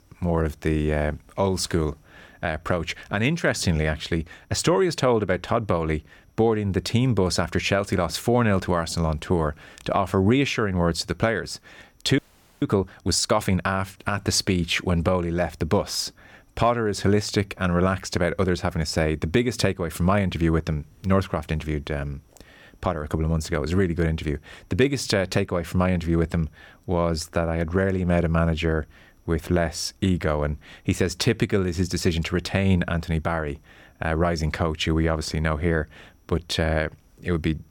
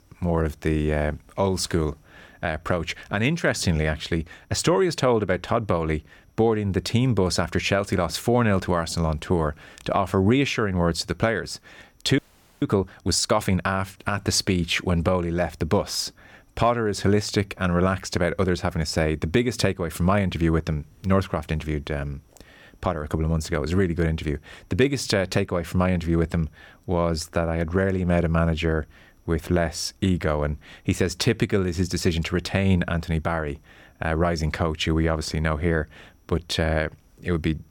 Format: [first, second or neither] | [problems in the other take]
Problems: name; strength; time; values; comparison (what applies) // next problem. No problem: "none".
neither | audio freezing; at 12 s; the same in both